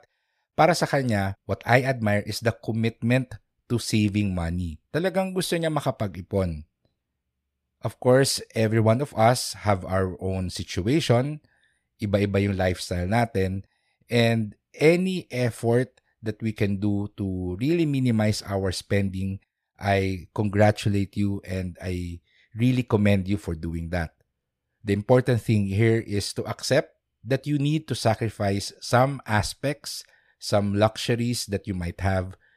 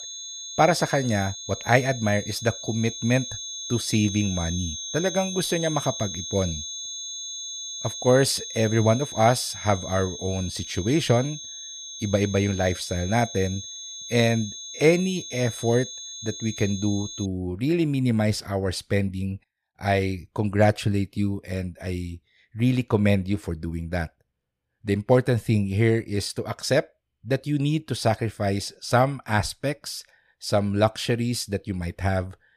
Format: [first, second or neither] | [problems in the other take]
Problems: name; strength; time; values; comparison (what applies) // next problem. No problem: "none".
first | high-pitched whine; loud; until 17 s; 6.5 kHz, 8 dB below the speech